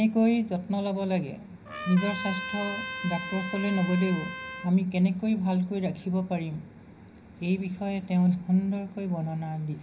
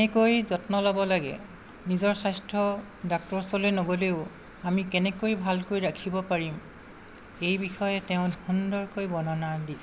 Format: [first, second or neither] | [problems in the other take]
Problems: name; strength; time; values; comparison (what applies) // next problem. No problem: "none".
second | background sound (Trumpet); 9 dB below the speech // room echo; dies away in 0.5 s